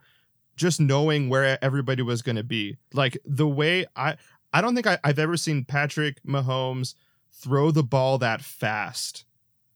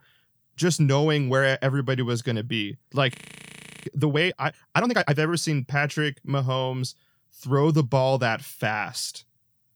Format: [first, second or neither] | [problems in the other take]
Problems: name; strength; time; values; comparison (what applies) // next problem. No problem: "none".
first | audio freezing; at 3 s for 0.5 s